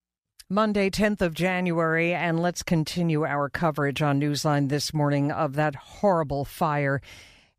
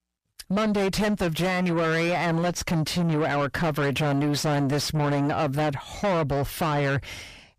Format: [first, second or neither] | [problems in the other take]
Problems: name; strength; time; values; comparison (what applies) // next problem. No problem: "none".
first | distortion; heavy; 6 dB below the speech